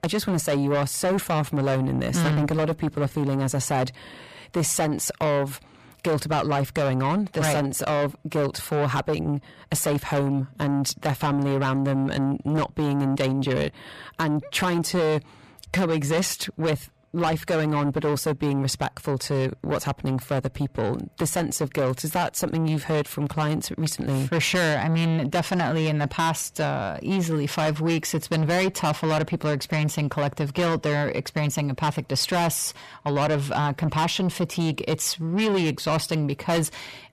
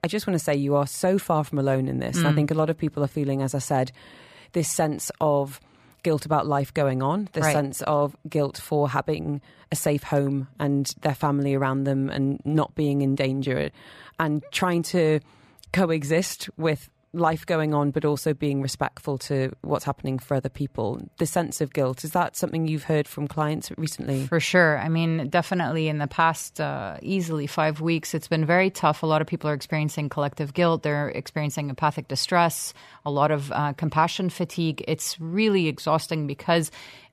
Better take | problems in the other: second | distortion; heavy; 7 dB below the speech

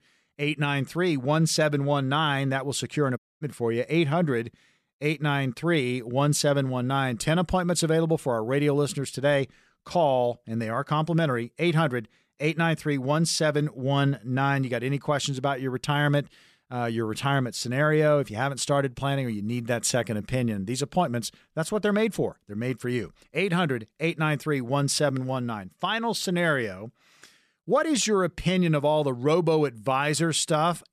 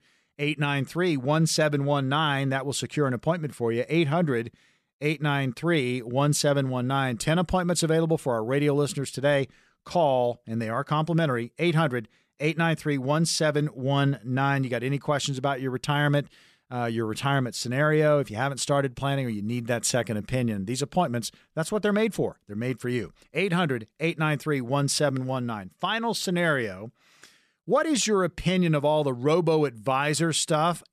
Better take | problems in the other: second | audio cutting out; at 3 s

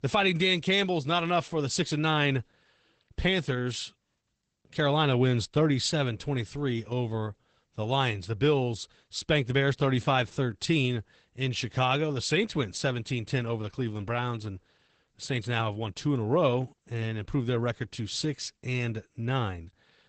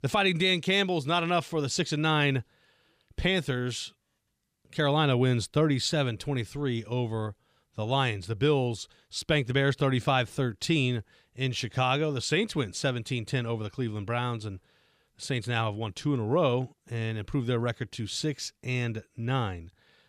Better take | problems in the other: second | garbled, watery; badly; nothing above 8 kHz

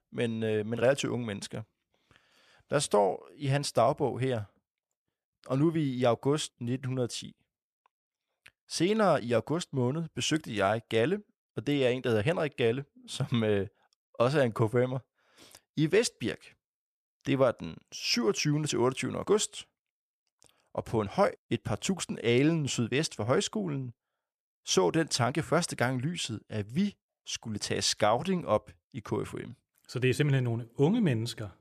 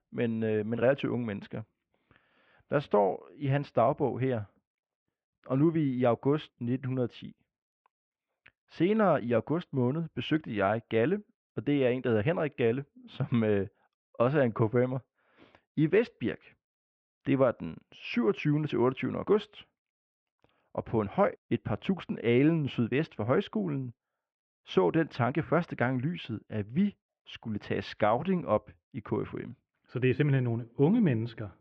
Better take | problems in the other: first | muffled; very; fading above 2.5 kHz

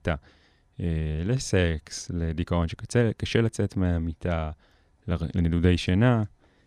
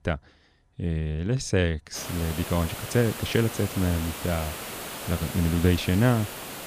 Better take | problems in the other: first | hiss; loud; from 2 s on; 8 dB below the speech

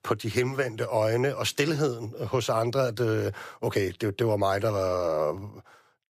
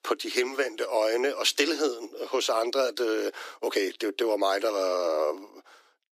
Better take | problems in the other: first | thin; somewhat; fading below 300 Hz

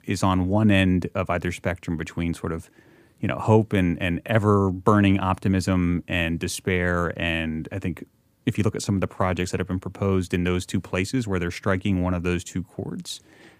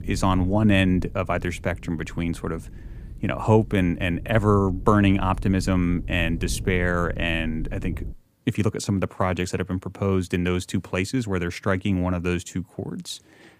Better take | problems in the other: first | low rumble; faint; until 8 s; 25 dB below the speech

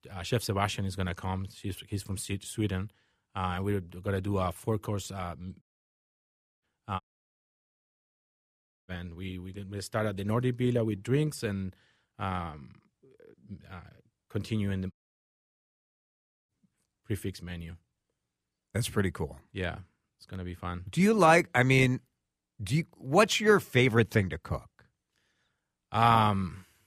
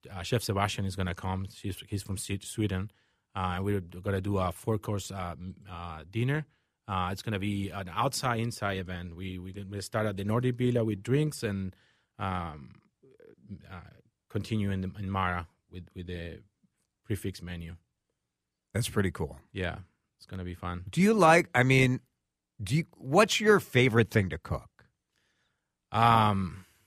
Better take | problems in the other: second | audio cutting out; at 5.5 s for 1 s, at 7 s for 2 s and at 15 s for 1.5 s

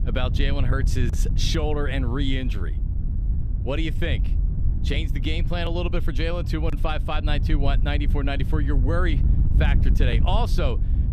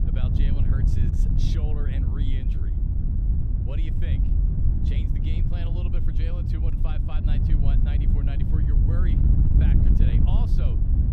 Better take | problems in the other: first | wind noise on the microphone; heavy; 4 dB above the speech; occasional gusts in the first

